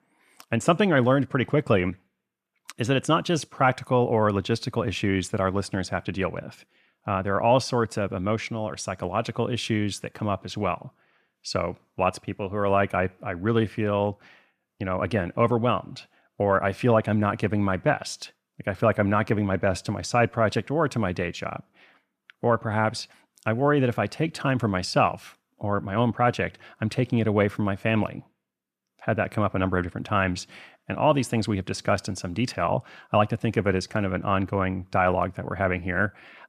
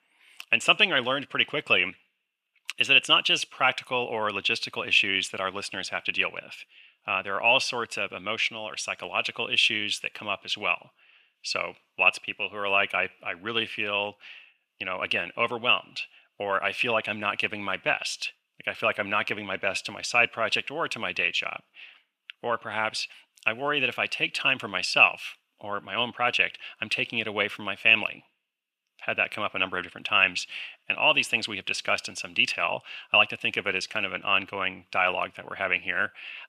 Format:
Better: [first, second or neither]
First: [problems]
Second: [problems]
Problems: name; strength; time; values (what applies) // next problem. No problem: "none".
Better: first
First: none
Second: thin; somewhat; fading below 1 kHz